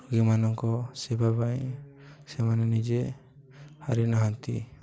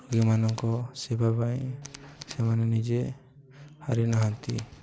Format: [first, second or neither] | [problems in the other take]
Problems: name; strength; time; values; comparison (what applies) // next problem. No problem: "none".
first | background sound (Tools); 19 dB below the speech